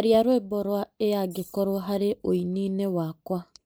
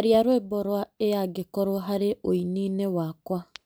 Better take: second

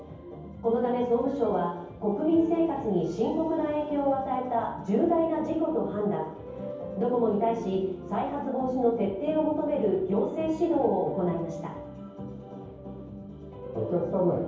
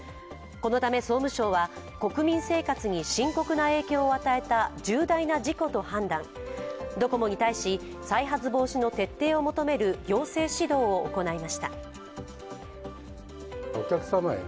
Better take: second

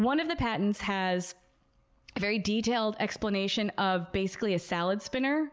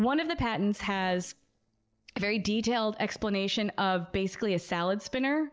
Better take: first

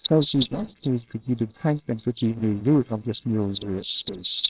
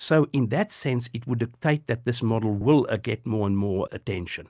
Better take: second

